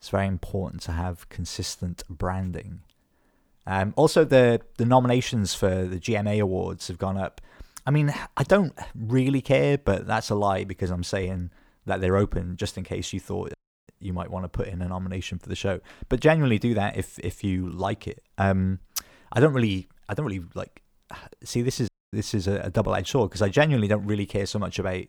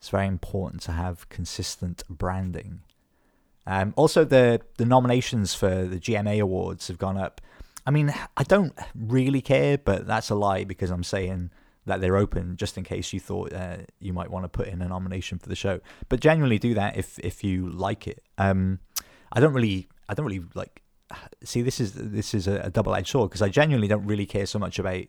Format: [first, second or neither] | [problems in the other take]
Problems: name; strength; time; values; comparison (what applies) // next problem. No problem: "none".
second | audio cutting out; at 14 s and at 22 s